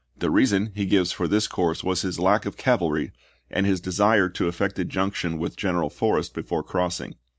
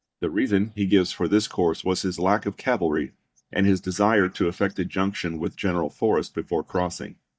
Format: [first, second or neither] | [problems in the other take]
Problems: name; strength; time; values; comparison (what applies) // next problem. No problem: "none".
first | noise reduction (neural mask model DeepFilterNet 3)